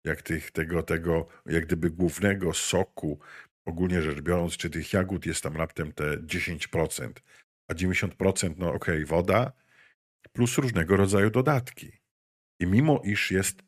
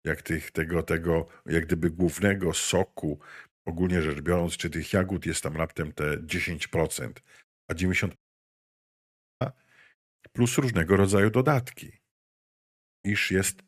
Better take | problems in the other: first | audio cutting out; at 8 s for 1.5 s and at 12 s for 0.5 s

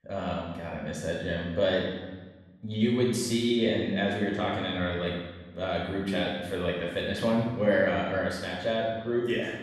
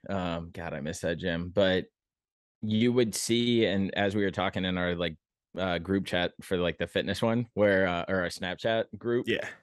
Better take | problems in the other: second | room echo; noticeable; dies away in 1.1 s // off-mic speech; far

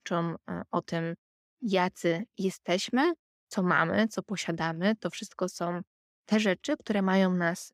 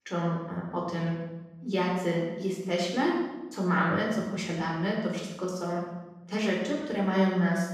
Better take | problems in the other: first | off-mic speech; far // room echo; noticeable; dies away in 1 s

